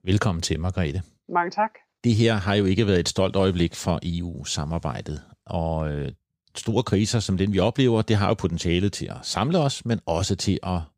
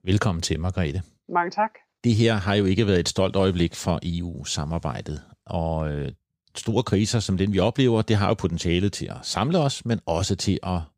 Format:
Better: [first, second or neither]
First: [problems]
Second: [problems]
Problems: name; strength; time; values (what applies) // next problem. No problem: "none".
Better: neither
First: none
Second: none